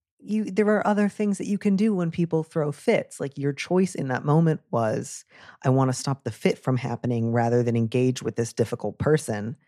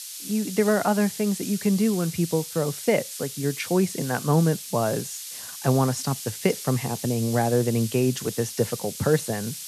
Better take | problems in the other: first | hiss; loud; throughout; 9 dB below the speech

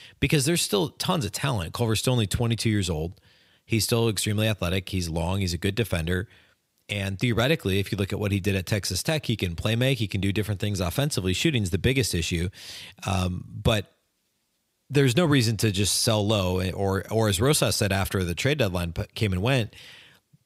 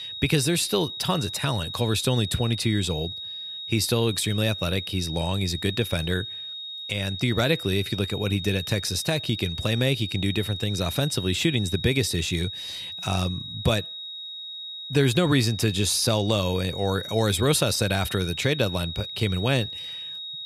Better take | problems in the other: first | high-pitched whine; loud; throughout; 4 kHz, 8 dB below the speech

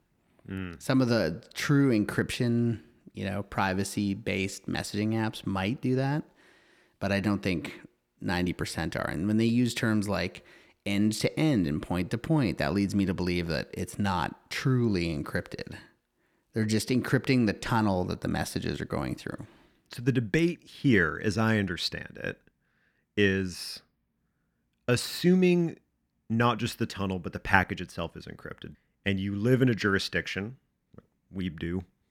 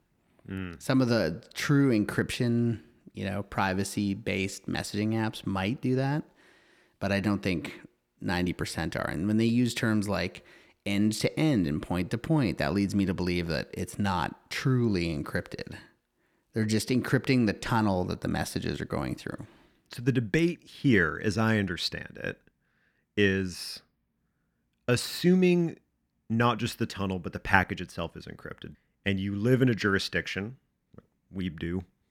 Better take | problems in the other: neither | none

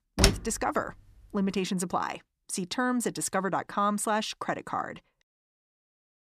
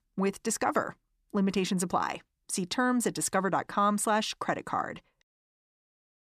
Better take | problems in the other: second | door banging; loud; at the start; peak 5 dB above the speech

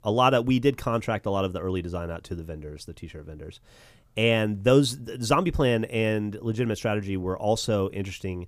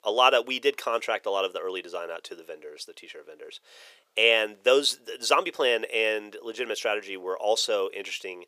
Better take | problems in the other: first | thin; very; fading below 450 Hz

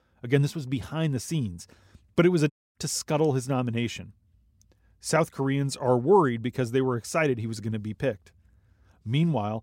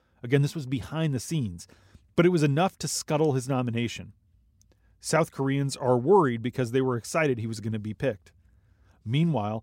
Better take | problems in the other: second | audio cutting out; at 2.5 s

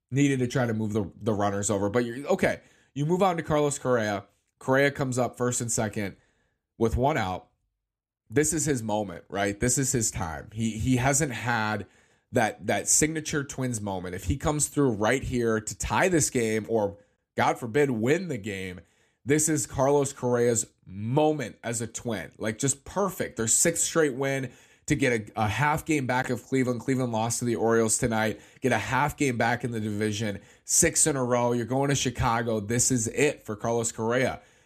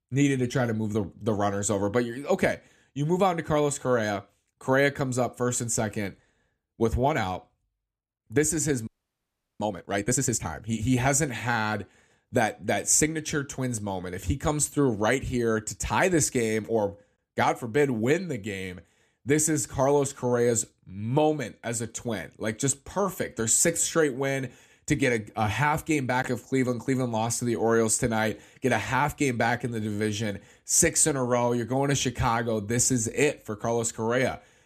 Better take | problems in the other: first | audio freezing; at 9 s for 0.5 s

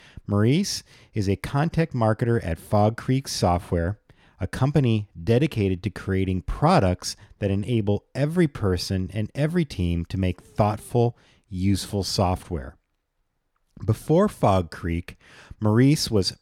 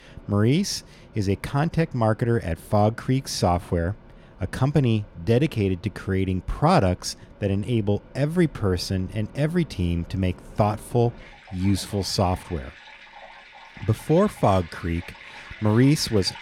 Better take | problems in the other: first | rain or running water; faint; throughout; 20 dB below the speech

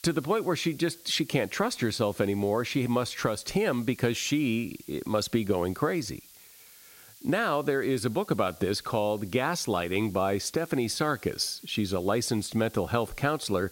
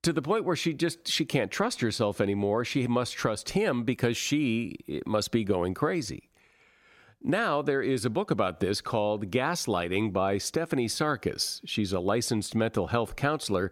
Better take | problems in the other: second | hiss; faint; throughout; 20 dB below the speech

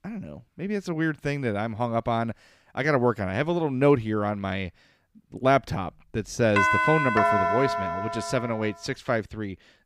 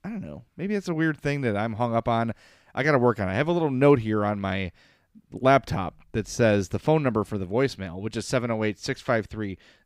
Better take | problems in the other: second | doorbell; loud; from 6.5 to 8.5 s; peak 5 dB above the speech

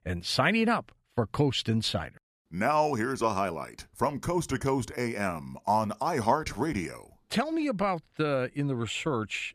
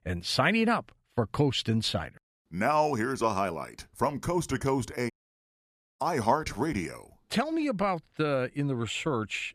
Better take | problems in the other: first | audio cutting out; at 5 s for 1 s

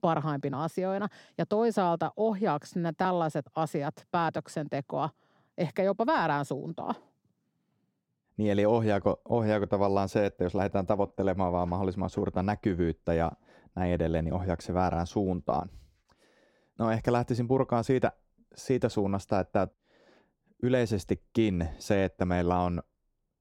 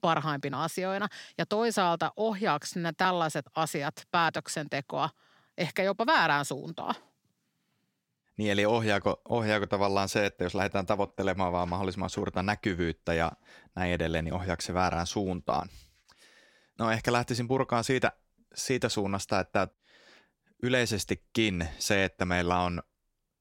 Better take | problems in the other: second | muffled; slightly; fading above 1 kHz

